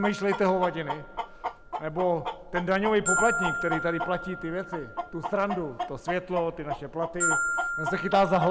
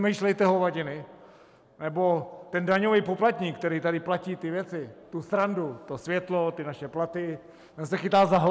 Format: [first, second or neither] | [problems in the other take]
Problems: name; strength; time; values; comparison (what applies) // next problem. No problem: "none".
second | background sound (Glockenspiel + Chicken, rooster); 4 dB below the speech